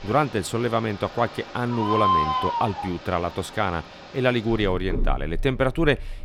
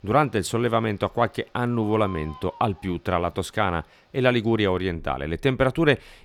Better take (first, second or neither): second